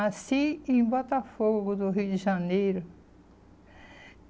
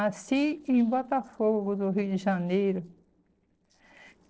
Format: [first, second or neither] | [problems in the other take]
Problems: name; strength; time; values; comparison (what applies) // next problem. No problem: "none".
first | noise reduction (neural separator model SepFormer DNS4)